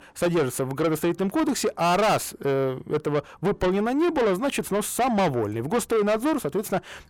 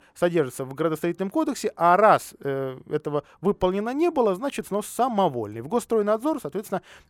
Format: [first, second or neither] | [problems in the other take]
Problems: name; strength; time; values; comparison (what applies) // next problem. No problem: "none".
second | distortion; heavy; 6 dB below the speech